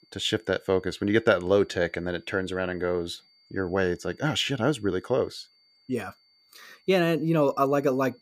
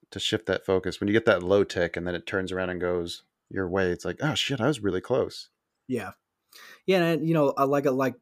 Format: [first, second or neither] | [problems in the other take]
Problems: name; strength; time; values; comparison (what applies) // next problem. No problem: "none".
second | high-pitched whine; faint; throughout; 4.5 kHz, 35 dB below the speech